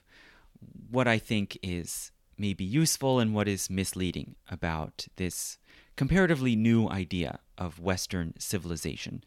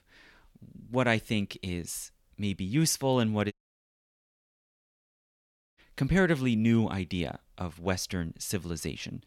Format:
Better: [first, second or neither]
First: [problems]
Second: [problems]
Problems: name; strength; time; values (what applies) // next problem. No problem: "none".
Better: first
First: none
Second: audio cutting out; at 3.5 s for 2 s